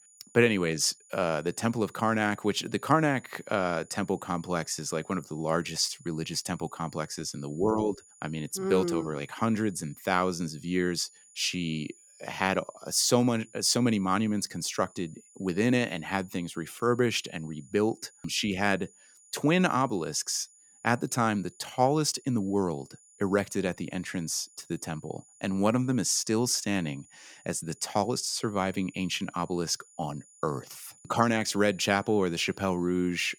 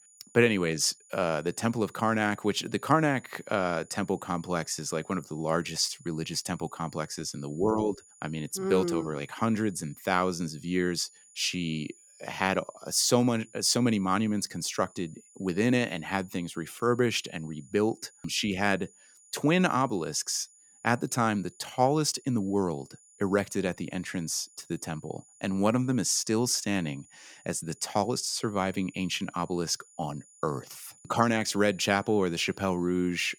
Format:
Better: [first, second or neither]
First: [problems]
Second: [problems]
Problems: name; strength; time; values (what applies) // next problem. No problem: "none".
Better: neither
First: high-pitched whine; faint; throughout; 7 kHz, 25 dB below the speech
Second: high-pitched whine; faint; throughout; 7 kHz, 25 dB below the speech